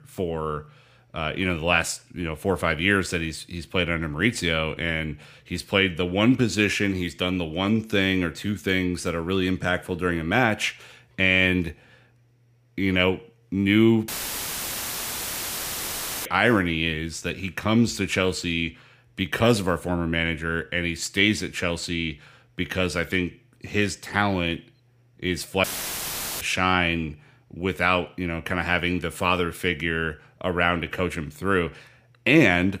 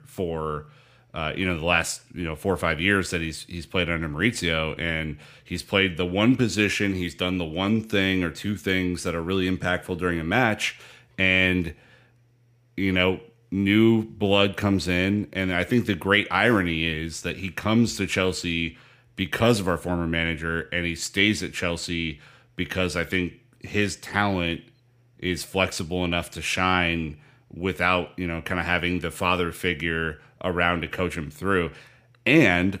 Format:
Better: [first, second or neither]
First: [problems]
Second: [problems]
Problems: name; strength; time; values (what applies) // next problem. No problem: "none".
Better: second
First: audio cutting out; filled with static; at 14 s for 2 s and at 26 s for 1 s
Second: none